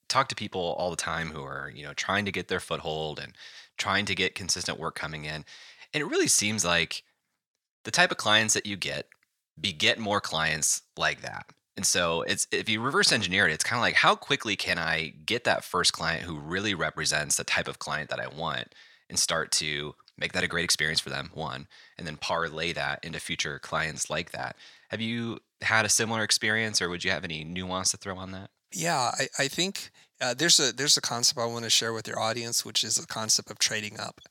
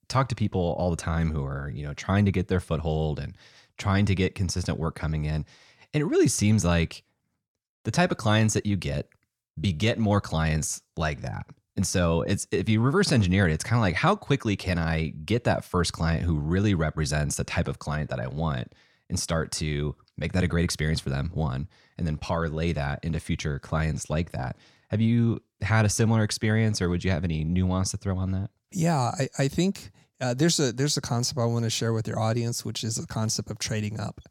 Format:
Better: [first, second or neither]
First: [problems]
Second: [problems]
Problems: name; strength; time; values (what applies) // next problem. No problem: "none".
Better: second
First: thin; somewhat; fading below 1 kHz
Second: none